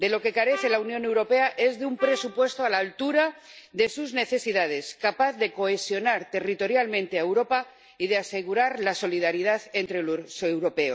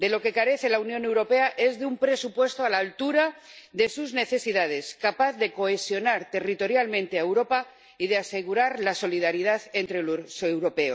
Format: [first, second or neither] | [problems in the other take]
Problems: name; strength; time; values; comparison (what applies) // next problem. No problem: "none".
second | background sound (Trumpet); 15 dB below the speech